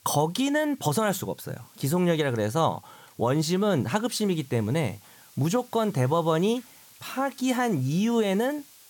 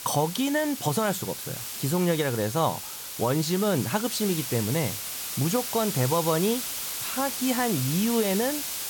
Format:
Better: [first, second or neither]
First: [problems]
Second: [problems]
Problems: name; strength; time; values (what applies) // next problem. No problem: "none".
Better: first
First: hiss; faint; throughout; 25 dB below the speech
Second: hiss; loud; throughout; 4 dB below the speech